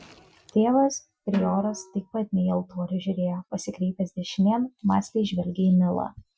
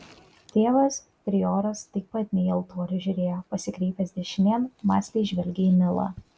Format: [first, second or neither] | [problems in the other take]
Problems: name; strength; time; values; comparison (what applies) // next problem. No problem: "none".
second | noise reduction (classical method Wiener filter)